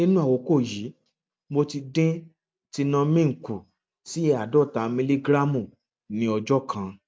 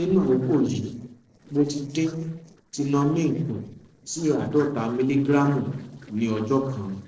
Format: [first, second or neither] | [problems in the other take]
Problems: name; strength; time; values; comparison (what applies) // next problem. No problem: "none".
first | noise reduction (neural separator model SepFormer DNS4)